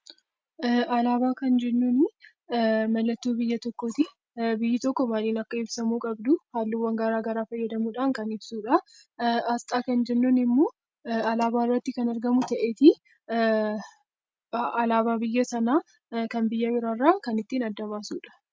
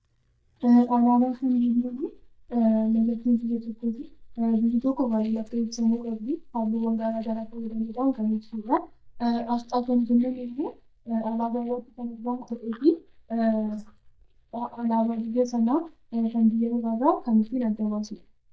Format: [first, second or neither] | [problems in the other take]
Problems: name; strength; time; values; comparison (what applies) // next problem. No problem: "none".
first | noise reduction (neural mask model DeepFilterNet 3)